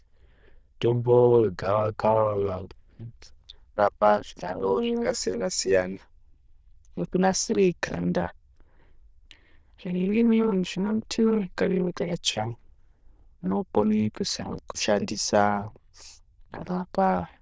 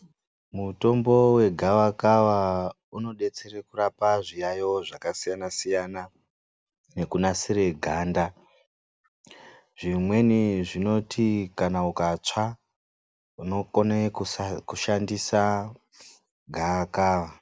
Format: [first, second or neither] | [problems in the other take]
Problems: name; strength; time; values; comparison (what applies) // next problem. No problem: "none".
second | noise reduction (neural diffusion model UNIVERSE++)